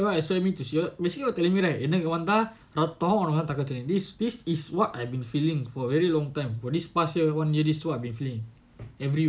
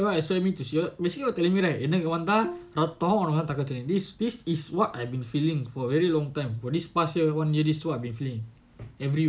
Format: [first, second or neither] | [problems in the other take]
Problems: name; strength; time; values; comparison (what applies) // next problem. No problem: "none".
first | background sound (Bowed string instrument); 14 dB below the speech